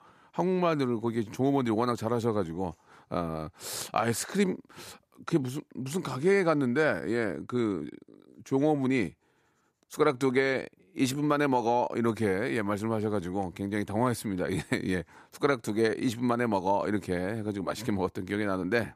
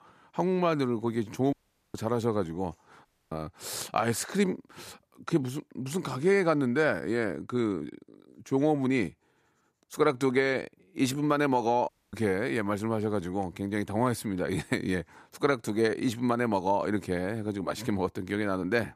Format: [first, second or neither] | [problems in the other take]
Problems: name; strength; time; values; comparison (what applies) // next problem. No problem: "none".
first | audio cutting out; at 1.5 s, at 3 s and at 12 s